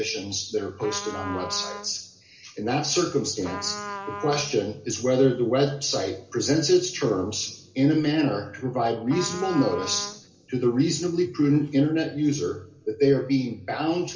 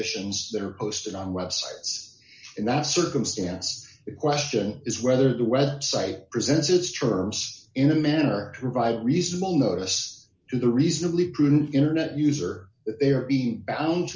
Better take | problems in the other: second | background sound (Trumpet); 12 dB below the speech // room echo; dies away in 0.7 s

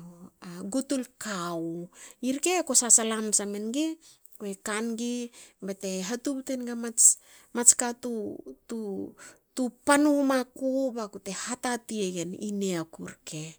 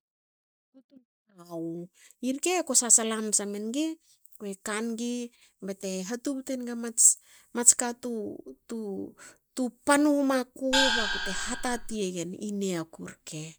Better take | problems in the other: first | noise reduction (neural mask model DeepFilterNet 3)

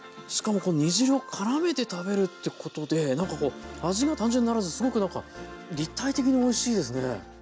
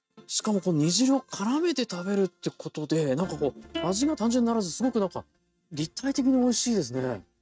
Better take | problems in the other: first | noise reduction (neural mask model RNNoise)

